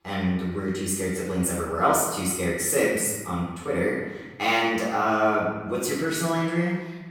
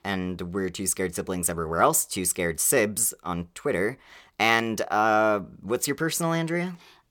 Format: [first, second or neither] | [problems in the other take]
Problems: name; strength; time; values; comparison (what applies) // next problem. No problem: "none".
second | off-mic speech; far // room echo; noticeable; dies away in 1.1 s